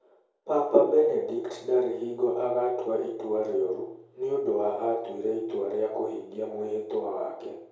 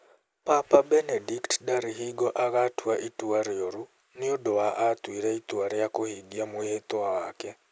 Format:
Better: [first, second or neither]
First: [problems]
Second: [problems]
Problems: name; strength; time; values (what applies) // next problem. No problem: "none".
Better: second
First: room echo; dies away in 2.3 s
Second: none